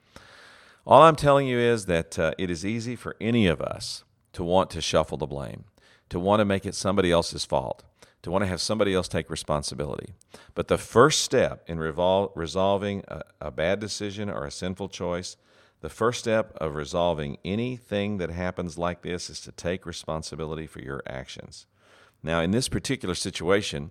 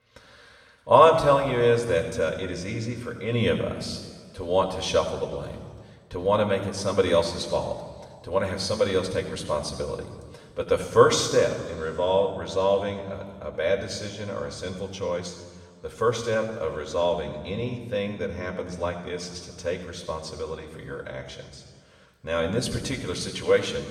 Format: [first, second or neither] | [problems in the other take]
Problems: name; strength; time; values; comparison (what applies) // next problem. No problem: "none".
first | room echo; noticeable; dies away in 1.5 s // off-mic speech; somewhat distant